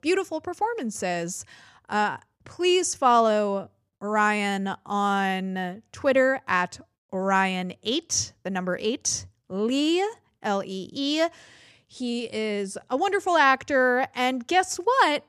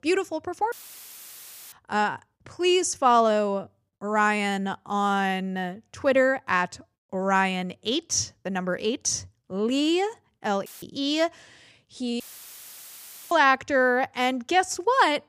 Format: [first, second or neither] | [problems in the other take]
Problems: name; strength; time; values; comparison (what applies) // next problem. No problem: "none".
first | audio cutting out; filled with static; at 0.5 s for 1 s, at 11 s and at 12 s for 1 s